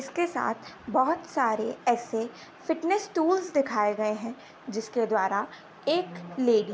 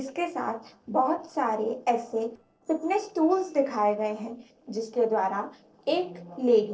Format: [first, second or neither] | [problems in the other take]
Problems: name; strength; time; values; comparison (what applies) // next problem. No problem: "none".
first | noise reduction (neural separator model SepFormer DNS4)